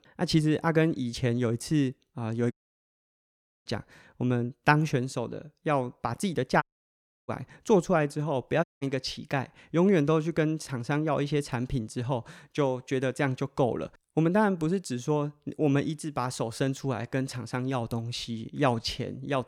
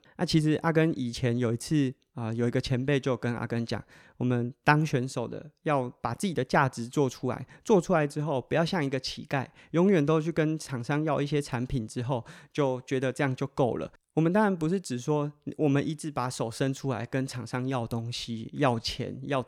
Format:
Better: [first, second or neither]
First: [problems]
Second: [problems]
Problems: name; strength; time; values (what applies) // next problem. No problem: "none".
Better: second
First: audio cutting out; at 2.5 s for 1 s, at 6.5 s for 0.5 s and at 8.5 s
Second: none